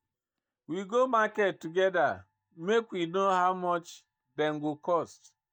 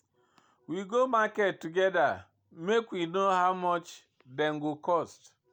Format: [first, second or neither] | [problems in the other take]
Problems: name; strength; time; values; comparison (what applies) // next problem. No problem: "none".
second | noise reduction (neural mask model DeepFilterNet 3)